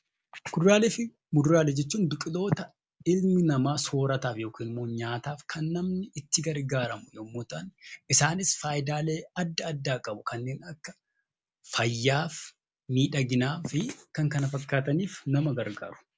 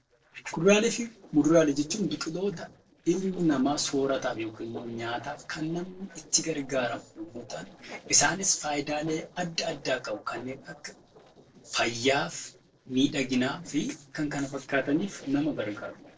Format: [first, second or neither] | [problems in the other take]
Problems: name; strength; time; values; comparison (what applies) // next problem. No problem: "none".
first | noise reduction (neural separator model SepFormer DNS4)